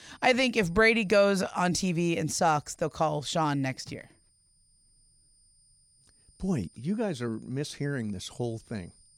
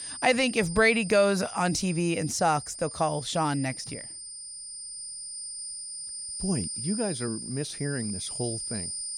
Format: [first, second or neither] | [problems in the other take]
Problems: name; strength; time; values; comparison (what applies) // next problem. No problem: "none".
first | high-pitched whine; loud; throughout; 9 kHz, 8 dB below the speech; faint in the first